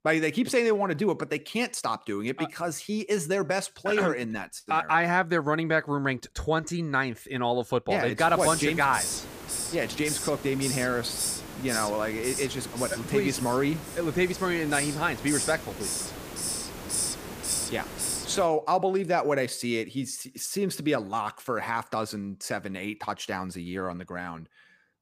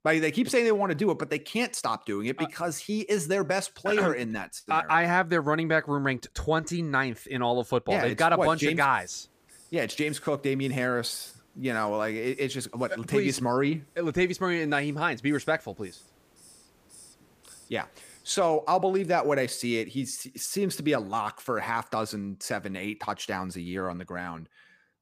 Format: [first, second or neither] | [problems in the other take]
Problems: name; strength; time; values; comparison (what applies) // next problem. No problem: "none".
second | hiss; loud; from 8 to 18 s; 4 dB below the speech; faint in the second